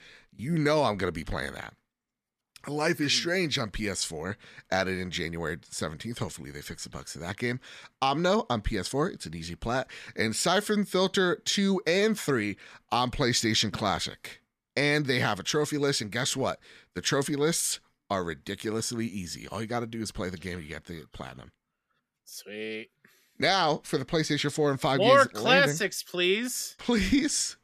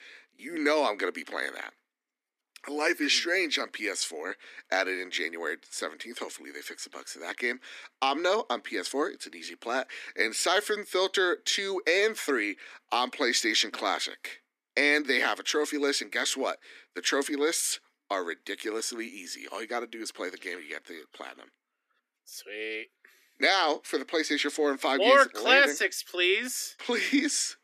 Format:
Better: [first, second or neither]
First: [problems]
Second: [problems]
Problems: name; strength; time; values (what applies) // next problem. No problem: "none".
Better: first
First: none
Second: thin; very slightly; fading below 250 Hz